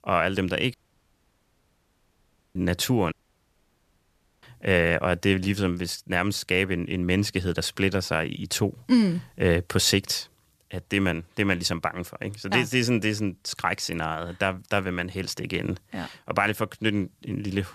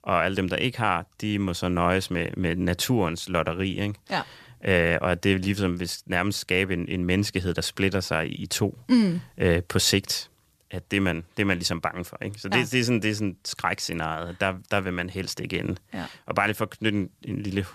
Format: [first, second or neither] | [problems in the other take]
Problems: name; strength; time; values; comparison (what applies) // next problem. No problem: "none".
second | audio cutting out; at 0.5 s for 2 s and at 3 s for 1.5 s